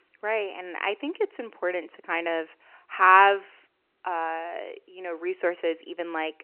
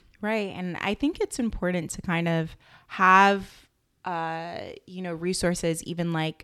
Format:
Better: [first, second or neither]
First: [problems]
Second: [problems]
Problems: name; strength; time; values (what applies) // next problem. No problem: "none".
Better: second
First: phone-call audio; nothing above 2.5 kHz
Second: none